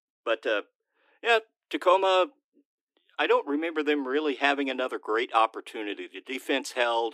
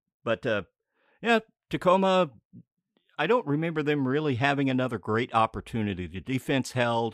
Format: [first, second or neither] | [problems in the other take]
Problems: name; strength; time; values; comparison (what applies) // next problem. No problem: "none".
second | thin; somewhat; fading below 300 Hz